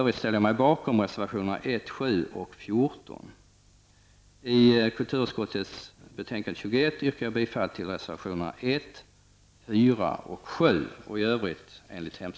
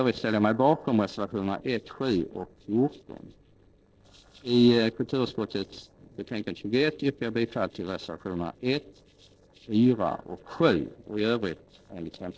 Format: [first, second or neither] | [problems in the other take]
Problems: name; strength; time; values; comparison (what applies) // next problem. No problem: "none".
first | noise reduction (neural separator model SepFormer DNS4)